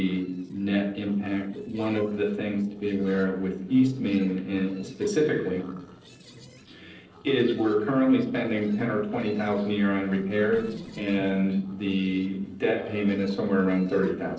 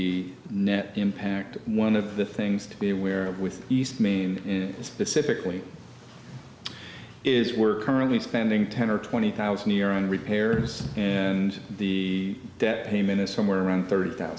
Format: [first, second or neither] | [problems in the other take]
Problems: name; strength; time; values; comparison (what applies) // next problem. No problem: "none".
second | noise reduction (neural separator model SepFormer DNS4)